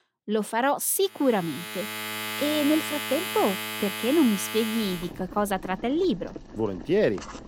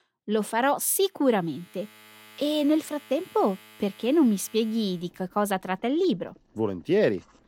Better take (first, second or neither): second